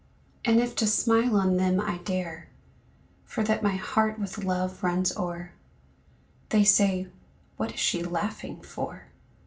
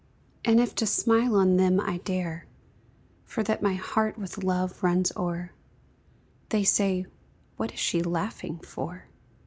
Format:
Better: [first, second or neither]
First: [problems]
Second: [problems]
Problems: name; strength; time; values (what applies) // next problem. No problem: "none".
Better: second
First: room echo; dies away in 0.2 s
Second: none